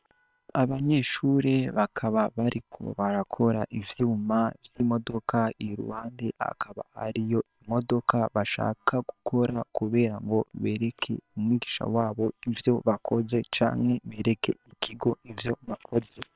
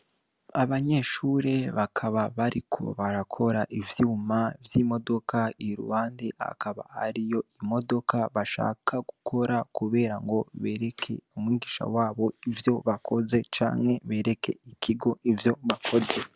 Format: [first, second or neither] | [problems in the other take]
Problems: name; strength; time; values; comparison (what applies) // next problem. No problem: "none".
second | noise reduction (neural separator model SepFormer WHAM!)